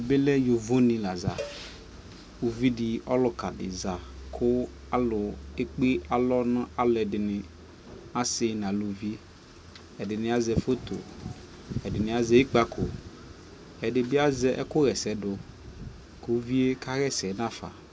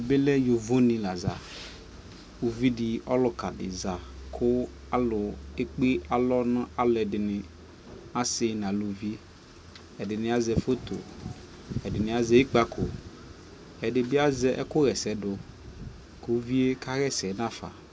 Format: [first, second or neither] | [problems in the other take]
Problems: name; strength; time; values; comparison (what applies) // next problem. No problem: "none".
second | background sound (Cowbell); 17 dB below the speech